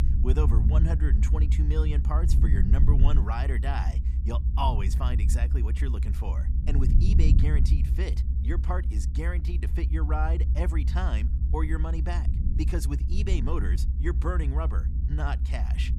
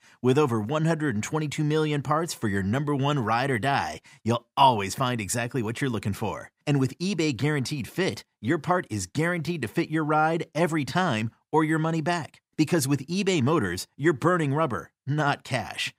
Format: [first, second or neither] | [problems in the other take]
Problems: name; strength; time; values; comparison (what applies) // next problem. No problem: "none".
second | low rumble; loud; throughout; 6 dB below the speech